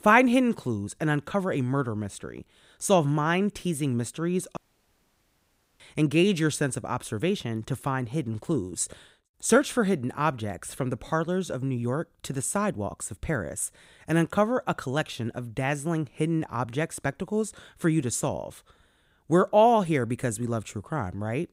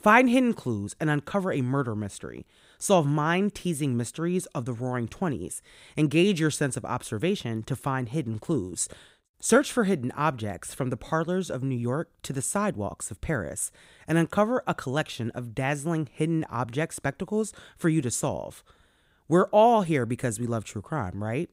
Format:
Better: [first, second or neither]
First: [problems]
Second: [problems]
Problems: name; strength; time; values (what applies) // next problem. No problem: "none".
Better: second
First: audio cutting out; at 4.5 s for 1 s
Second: none